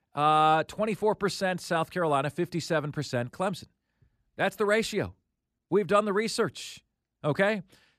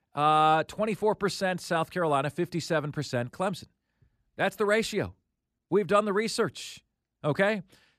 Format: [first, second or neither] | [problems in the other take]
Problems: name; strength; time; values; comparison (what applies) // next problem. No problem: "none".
neither | none